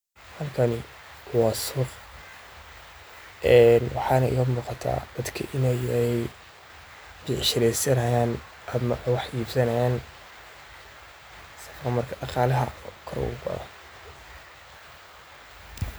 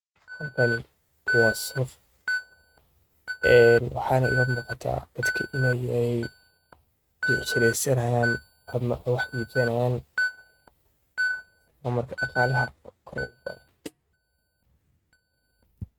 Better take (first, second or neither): first